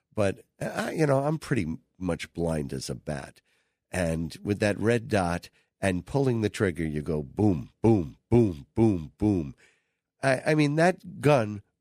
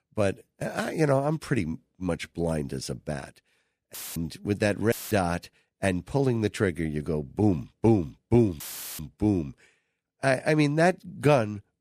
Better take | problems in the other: first | audio cutting out; filled with static; at 4 s, at 5 s and at 8.5 s

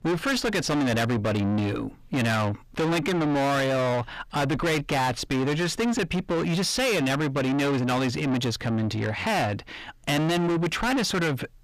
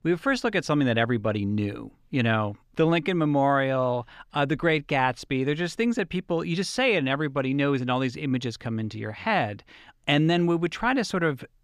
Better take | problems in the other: second | distortion; heavy; 6 dB below the speech

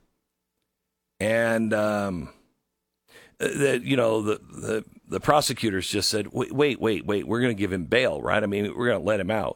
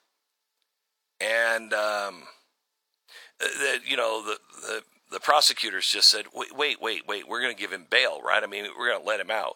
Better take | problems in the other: first | thin; very; fading below 800 Hz

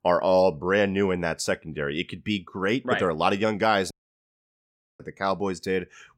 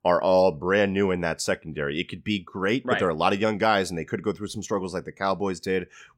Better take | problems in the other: second | audio cutting out; at 4 s for 1 s

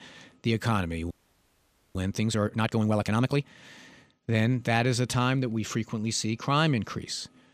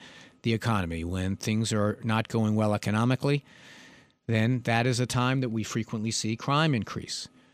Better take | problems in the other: second | audio freezing; at 1 s for 1 s

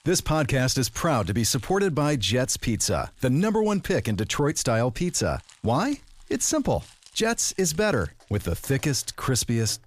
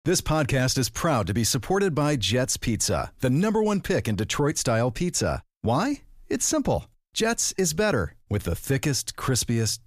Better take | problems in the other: second | household noises; faint; throughout; 30 dB below the speech

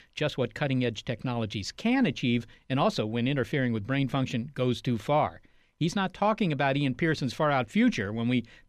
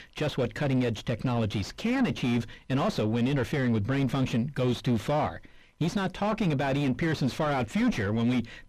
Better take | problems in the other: first | distortion; heavy; 6 dB below the speech

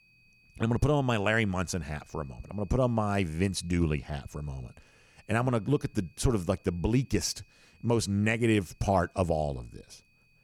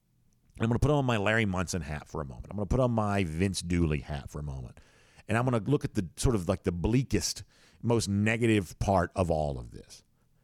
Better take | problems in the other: second | high-pitched whine; faint; throughout; 2.5 kHz, 35 dB below the speech

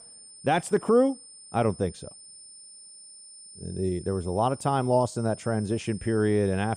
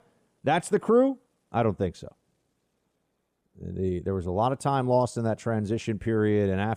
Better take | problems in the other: second | high-pitched whine; noticeable; throughout; 9 kHz, 20 dB below the speech

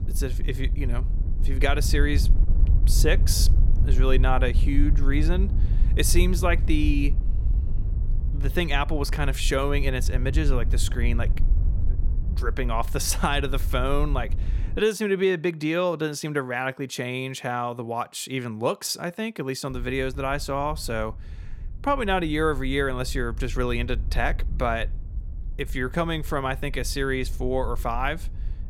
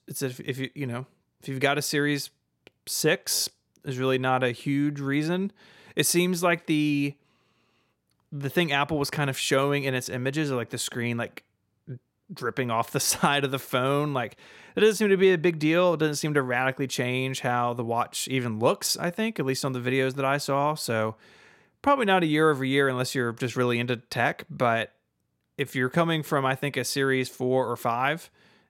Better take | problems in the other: second | wind noise on the microphone; occasional gusts; until 15 s and from 20 s on; 20 dB below the speech

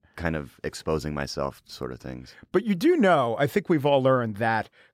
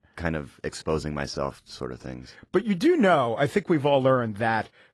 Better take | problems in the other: first | garbled, watery; slightly; nothing above 11.5 kHz

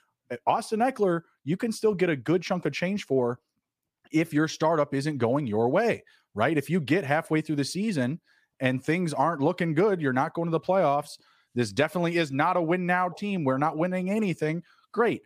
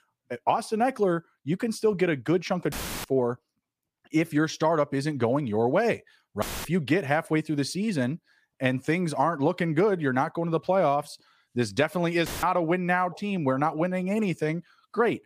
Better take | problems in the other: first | audio cutting out; filled with static; at 2.5 s, at 6.5 s and at 12 s

